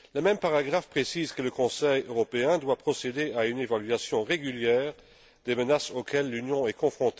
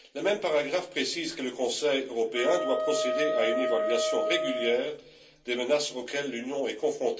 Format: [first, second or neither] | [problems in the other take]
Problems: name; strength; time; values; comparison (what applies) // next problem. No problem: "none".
first | background sound (Wind instrument, woodwind instrument); 1 dB below the speech // room echo; dies away in 0.3 s